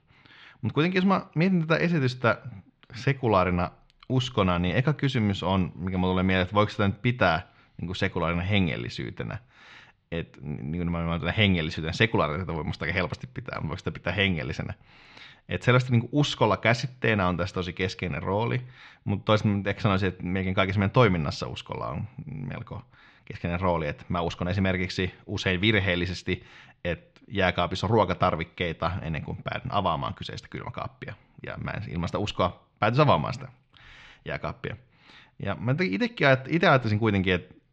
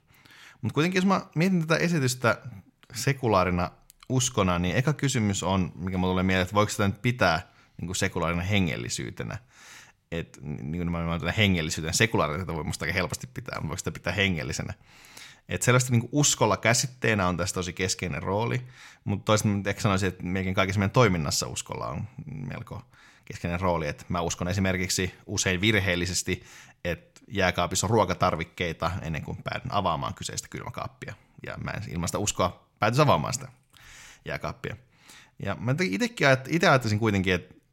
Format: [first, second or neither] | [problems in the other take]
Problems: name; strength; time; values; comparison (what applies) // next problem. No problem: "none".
second | muffled; slightly; fading above 4 kHz